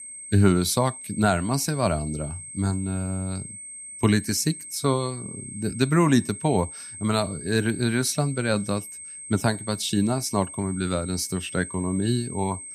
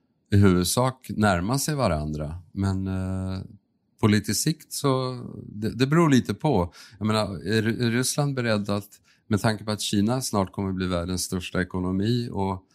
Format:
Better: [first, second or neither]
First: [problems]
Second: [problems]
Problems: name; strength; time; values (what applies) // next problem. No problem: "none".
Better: second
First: high-pitched whine; noticeable; throughout; 8.5 kHz, 10 dB below the speech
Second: none